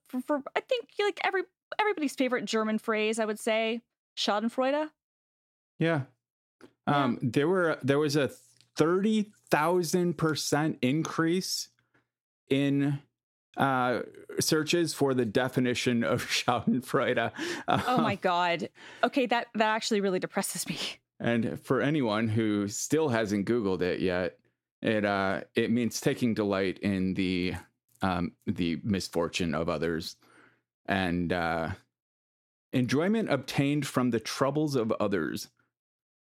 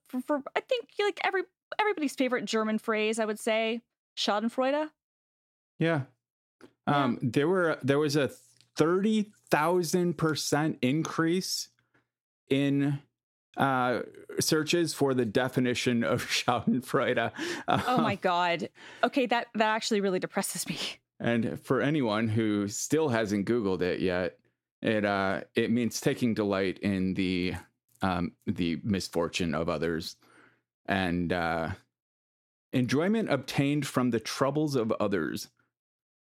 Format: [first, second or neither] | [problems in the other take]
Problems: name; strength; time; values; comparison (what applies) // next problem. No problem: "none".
neither | none